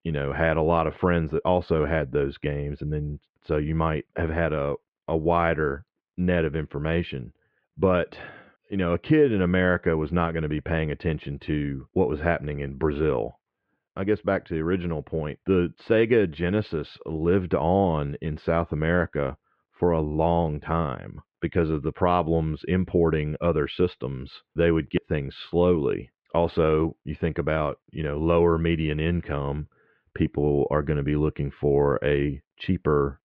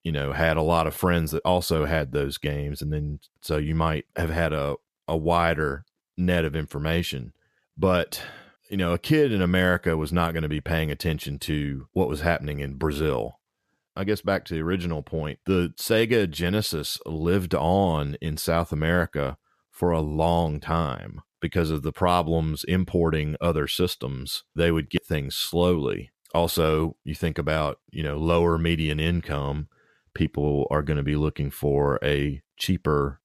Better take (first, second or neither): second